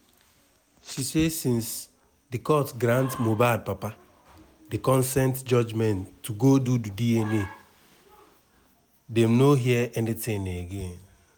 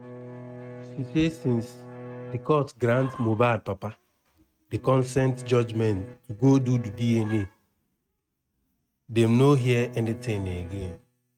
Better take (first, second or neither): first